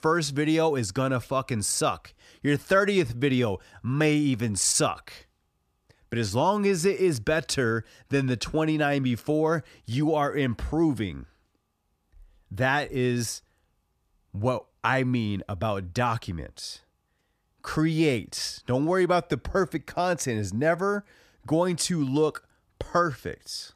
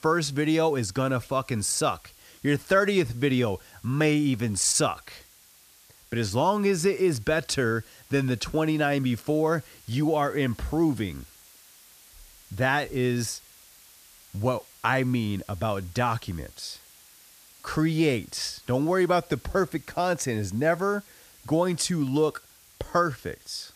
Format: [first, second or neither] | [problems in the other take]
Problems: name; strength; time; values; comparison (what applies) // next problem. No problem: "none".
first | hiss; faint; throughout; 25 dB below the speech